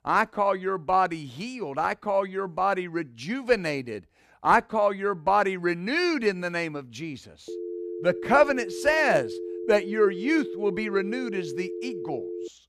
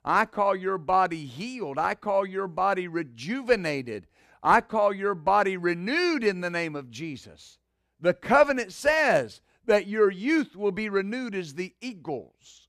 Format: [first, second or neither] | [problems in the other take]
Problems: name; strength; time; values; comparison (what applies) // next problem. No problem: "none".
second | phone ringing; noticeable; from 7.5 s on; peak 9 dB below the speech